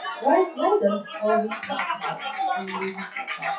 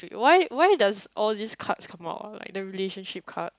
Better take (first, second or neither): second